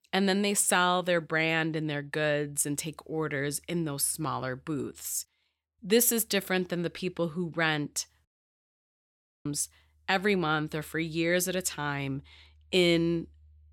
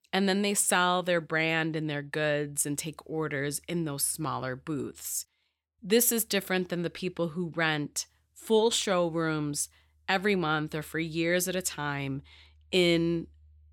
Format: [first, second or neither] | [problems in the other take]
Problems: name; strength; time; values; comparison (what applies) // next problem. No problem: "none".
second | audio cutting out; at 8.5 s for 1 s